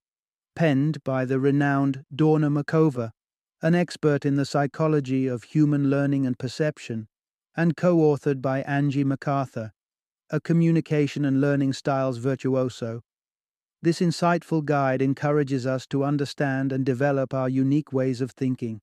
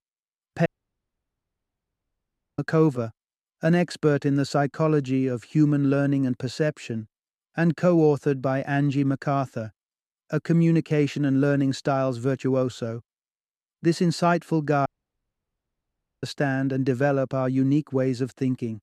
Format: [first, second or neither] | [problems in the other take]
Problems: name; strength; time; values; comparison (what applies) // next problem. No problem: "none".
first | audio cutting out; at 0.5 s for 2 s and at 15 s for 1.5 s